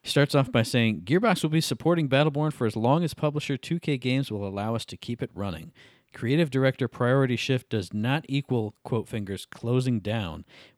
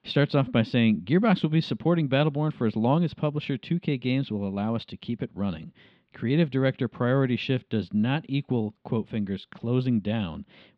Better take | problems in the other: first | muffled; very slightly; fading above 3.5 kHz

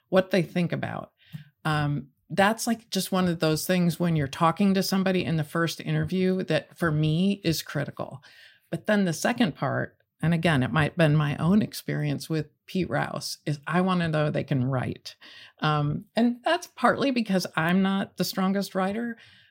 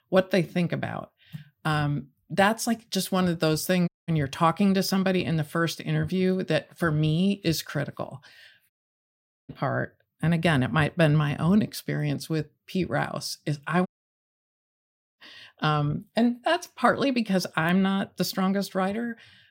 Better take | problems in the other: first | audio cutting out; at 4 s, at 8.5 s for 1 s and at 14 s for 1.5 s

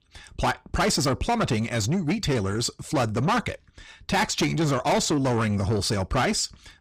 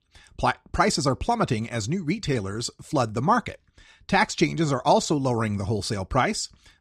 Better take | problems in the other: second | distortion; heavy; 7 dB below the speech

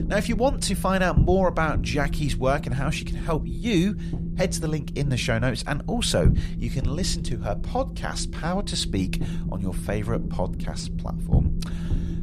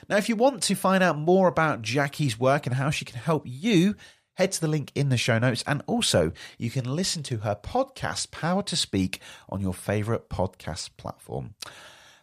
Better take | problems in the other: second | low rumble; noticeable; throughout; 15 dB below the speech

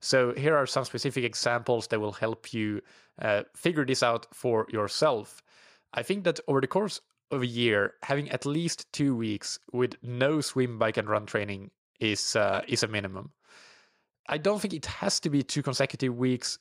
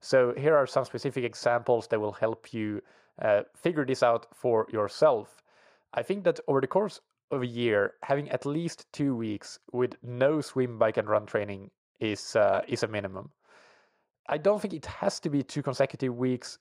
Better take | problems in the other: first | muffled; slightly; fading above 2.5 kHz

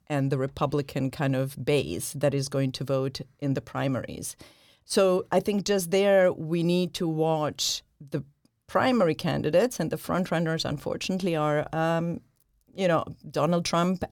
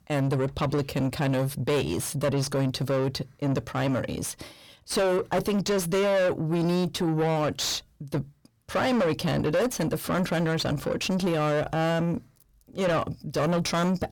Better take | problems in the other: first | distortion; heavy; 8 dB below the speech

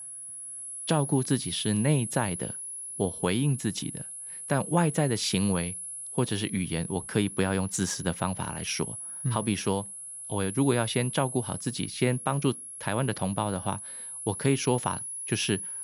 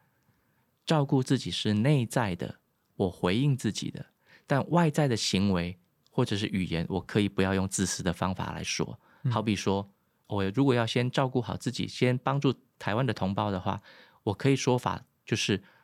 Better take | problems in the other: second | high-pitched whine; loud; throughout; 10.5 kHz, 7 dB below the speech

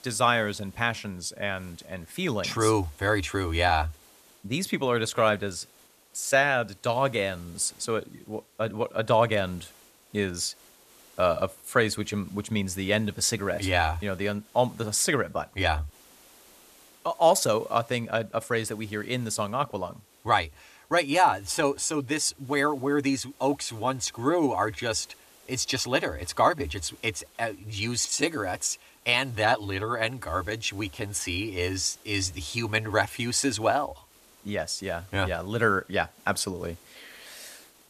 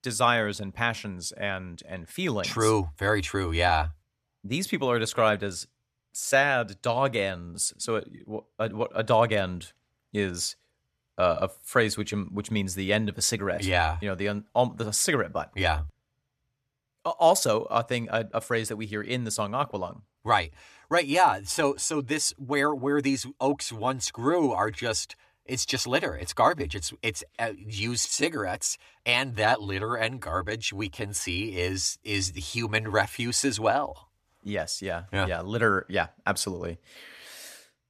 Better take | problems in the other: second | hiss; faint; throughout; 25 dB below the speech

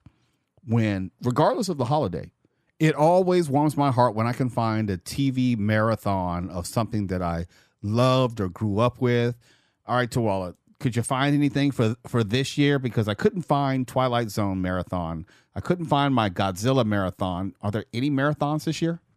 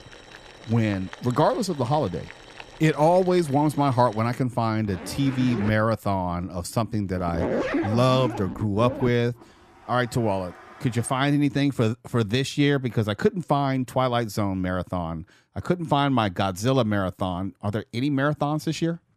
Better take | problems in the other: first | household noises; noticeable; until 11 s; 10 dB below the speech

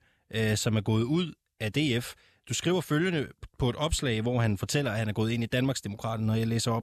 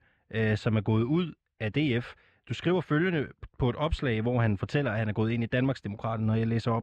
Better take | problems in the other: first | muffled; very; fading above 2 kHz

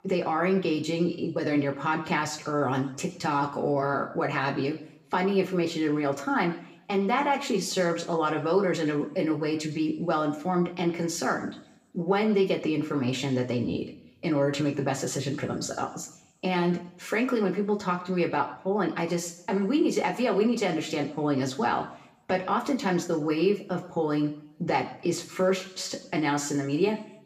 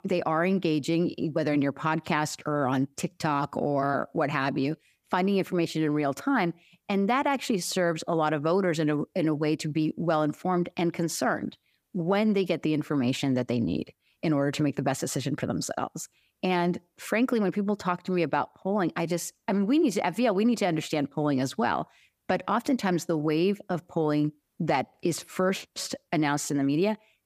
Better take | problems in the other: second | room echo; very slight; dies away in 0.6 s // off-mic speech; somewhat distant

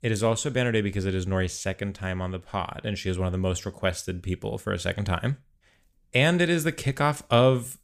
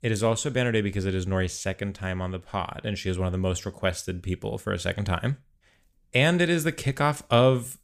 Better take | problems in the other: neither | none

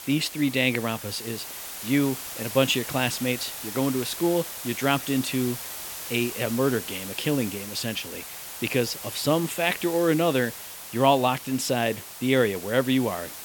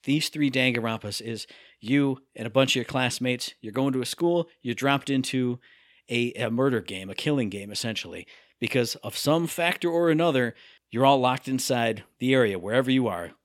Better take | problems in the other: second | hiss; loud; throughout; 9 dB below the speech

